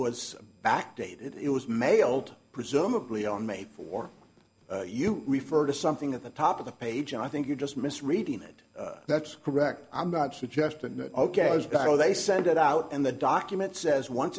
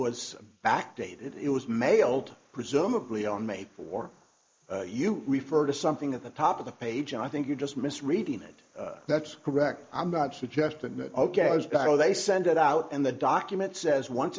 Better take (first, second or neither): first